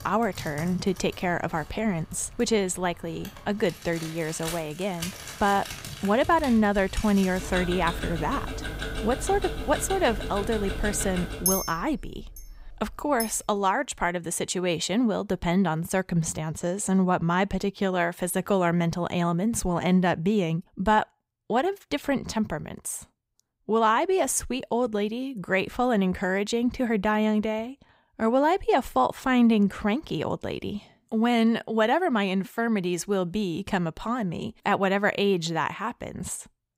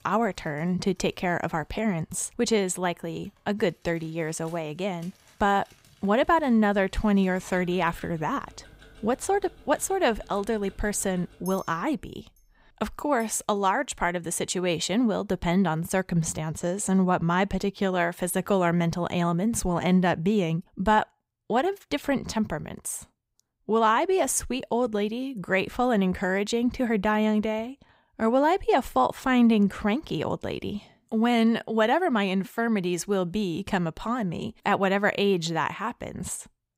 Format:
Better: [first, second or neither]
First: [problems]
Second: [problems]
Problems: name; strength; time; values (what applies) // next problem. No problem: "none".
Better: second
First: household noises; loud; until 13 s; 8 dB below the speech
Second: household noises; faint; until 13 s; 25 dB below the speech